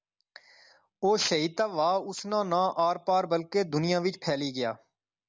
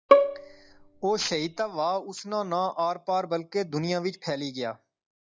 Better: first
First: none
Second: noise reduction (classical method log-MMSE)

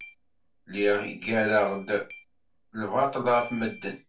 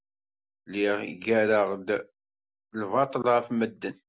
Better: second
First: background sound (Keyboard (musical)); 19 dB below the speech // room echo; dies away in 0.2 s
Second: none

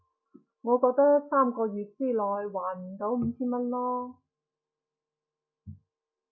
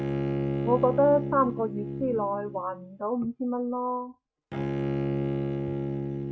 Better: first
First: none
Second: noise reduction (neural mask model RNNoise)

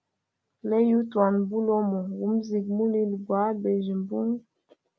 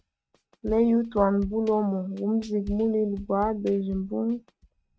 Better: first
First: none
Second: noise reduction (neural mask model RNNoise)

